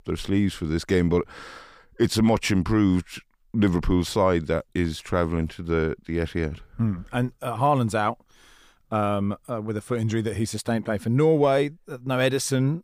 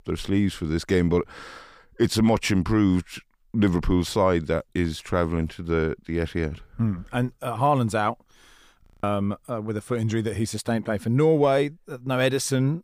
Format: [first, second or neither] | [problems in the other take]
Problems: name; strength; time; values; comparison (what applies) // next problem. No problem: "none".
first | audio freezing; at 9 s